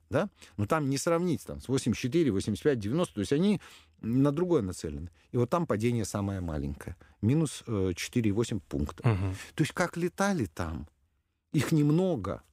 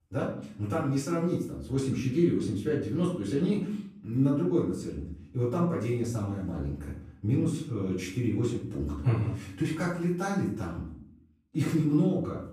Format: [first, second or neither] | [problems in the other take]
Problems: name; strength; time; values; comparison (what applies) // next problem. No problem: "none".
first | off-mic speech; far // room echo; noticeable; dies away in 0.6 s